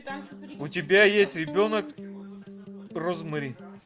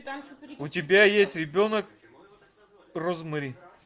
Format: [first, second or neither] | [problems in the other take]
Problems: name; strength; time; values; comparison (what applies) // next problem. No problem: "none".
second | background sound (Electric guitar); 15 dB below the speech